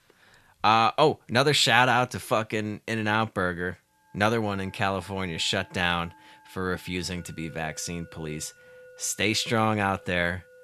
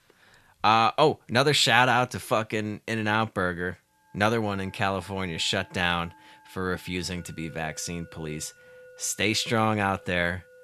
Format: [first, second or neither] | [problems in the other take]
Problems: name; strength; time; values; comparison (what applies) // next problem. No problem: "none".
neither | background music; faint; from 4 s on; 25 dB below the speech; the same in both